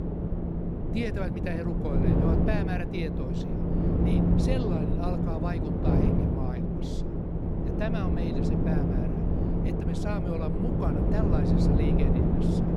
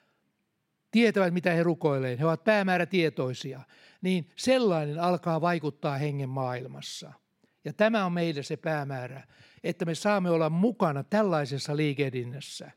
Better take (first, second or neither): second